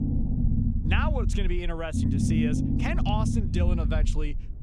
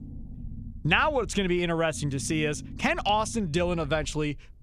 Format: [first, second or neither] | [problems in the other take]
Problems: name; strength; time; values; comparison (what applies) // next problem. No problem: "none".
second | low rumble; loud; throughout; 2 dB below the speech; faint in the second